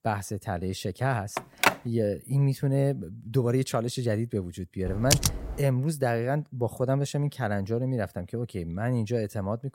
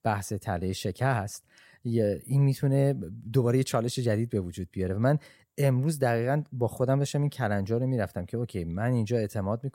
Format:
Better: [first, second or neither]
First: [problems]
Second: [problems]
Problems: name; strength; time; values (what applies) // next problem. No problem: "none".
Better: second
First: phone ringing; loud; at 1.5 s; peak 4 dB above the speech // keyboard typing; loud; at 5 s; peak 4 dB above the speech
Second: none